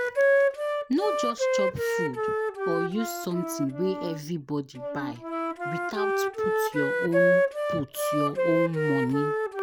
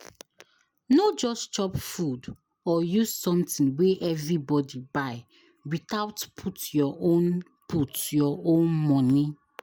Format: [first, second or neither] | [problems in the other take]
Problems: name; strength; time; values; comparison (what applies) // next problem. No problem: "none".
second | background sound (Wind instrument, woodwind instrument); 4 dB above the speech